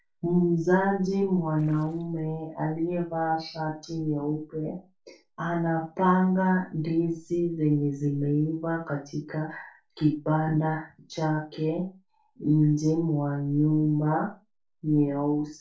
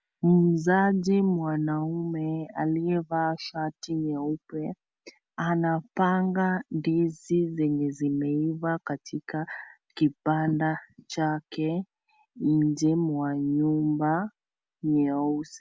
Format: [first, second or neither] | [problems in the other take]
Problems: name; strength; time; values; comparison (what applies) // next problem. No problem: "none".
second | noise reduction (neural separator model SepFormer DNS4)